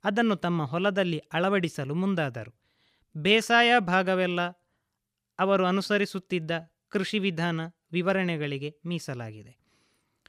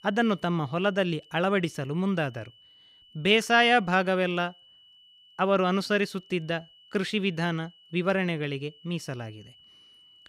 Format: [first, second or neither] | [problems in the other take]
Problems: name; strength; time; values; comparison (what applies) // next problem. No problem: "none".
first | high-pitched whine; faint; throughout; 3 kHz, 25 dB below the speech